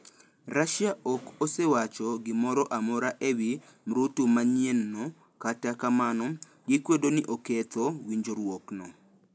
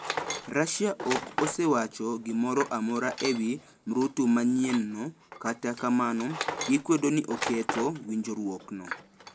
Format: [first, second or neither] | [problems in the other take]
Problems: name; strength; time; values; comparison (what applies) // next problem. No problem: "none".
first | background sound (Tools); 10 dB below the speech